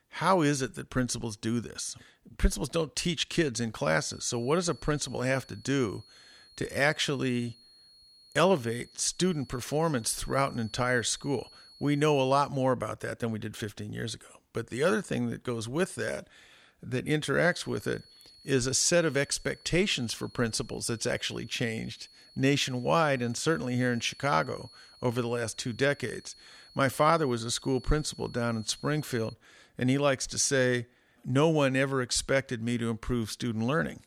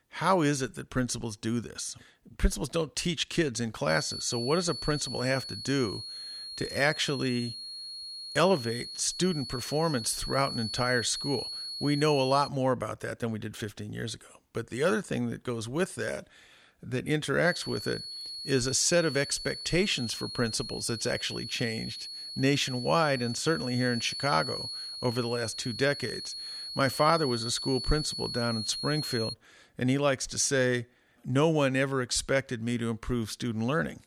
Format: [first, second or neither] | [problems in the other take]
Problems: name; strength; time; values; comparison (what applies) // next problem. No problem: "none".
first | high-pitched whine; loud; from 4 to 12 s and from 17 to 29 s; 4.5 kHz, 7 dB below the speech; faint in the first